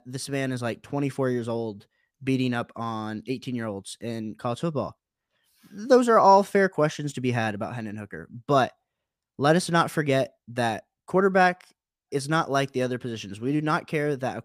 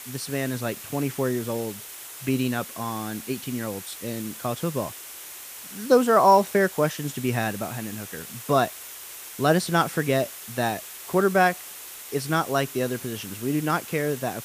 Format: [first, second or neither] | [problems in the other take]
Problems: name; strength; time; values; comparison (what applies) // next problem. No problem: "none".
first | hiss; noticeable; throughout; 10 dB below the speech